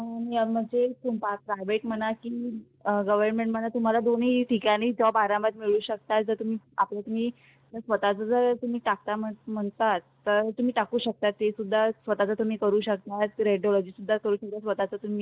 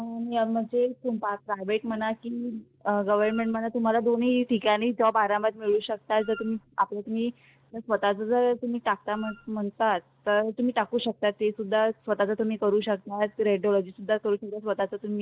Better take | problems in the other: first | background sound (Wind instrument, woodwind instrument); 19 dB below the speech

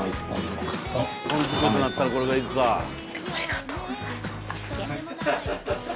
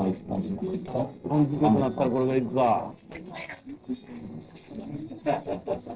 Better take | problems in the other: first | noise reduction (neural separator model SepFormer DNS4)

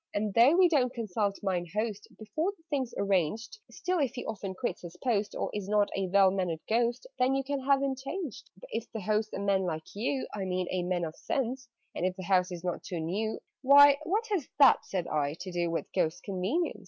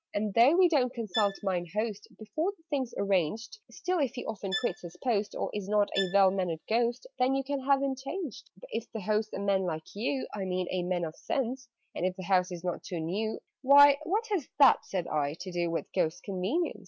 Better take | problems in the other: first | background sound (Bowed string instrument); 12 dB below the speech

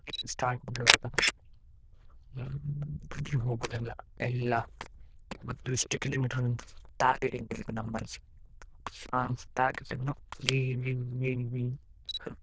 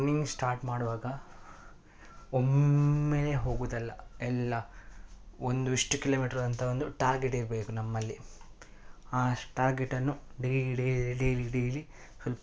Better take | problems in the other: second | noise reduction (neural diffusion model UNIVERSE++)

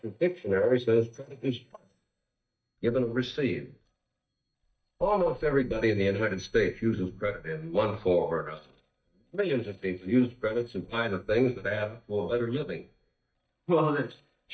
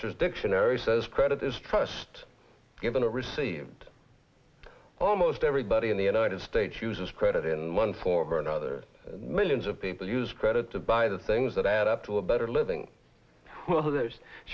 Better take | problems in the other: second | noise reduction (neural mask model DeepFilterNet 3)

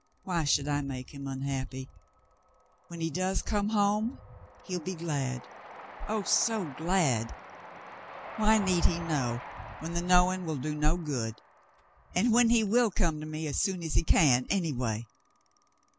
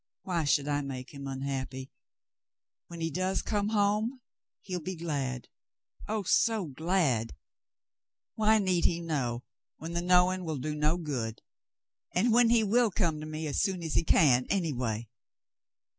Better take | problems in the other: second | background sound (Bicycle + Train); 17 dB below the speech

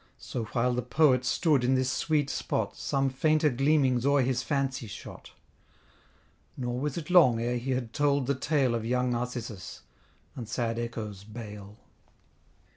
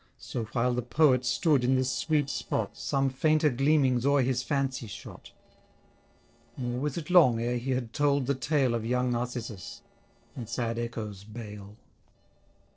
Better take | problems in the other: first | noise reduction (neural separator model SepFormer DNS4)

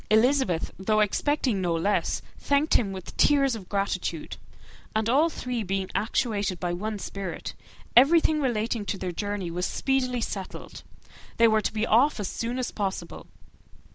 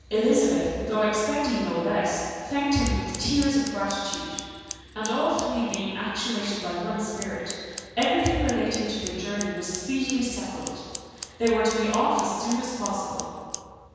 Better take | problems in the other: first | background sound (Scissors); 14 dB below the speech // room echo; dies away in 1.9 s

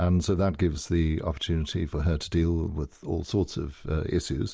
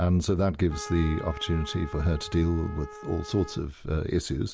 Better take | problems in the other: first | background sound (Trumpet); 16 dB below the speech

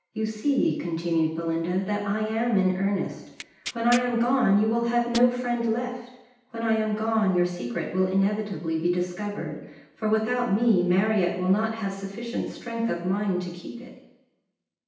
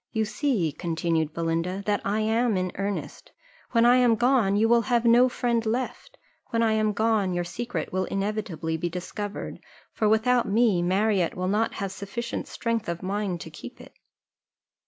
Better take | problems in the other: second | background sound (Tearing); 15 dB below the speech // room echo; dies away in 0.9 s

